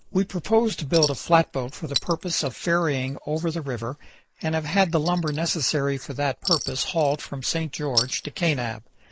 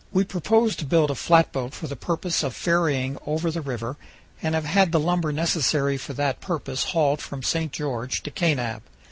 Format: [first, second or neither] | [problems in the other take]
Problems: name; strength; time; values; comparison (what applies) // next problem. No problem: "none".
second | noise reduction (neural mask model Resemble Enhance denoiser)